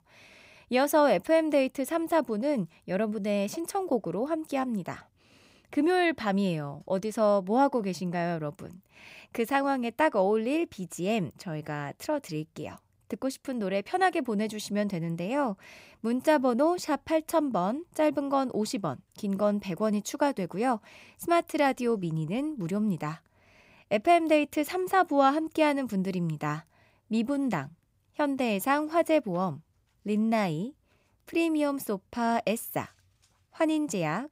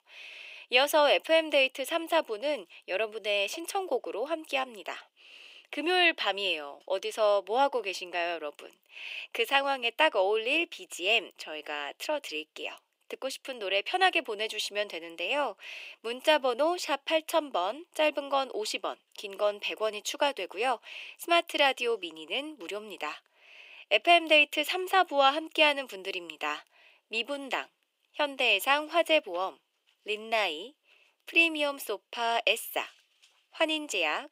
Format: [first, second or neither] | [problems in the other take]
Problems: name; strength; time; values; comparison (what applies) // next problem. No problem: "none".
first | thin; very; fading below 350 Hz